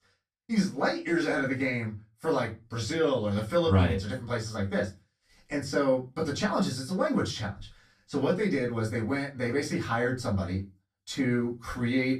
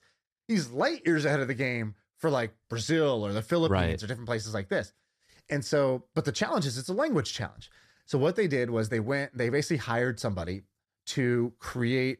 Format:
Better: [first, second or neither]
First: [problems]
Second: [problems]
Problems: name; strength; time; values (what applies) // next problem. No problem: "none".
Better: second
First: off-mic speech; far // room echo; very slight; dies away in 0.2 s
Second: none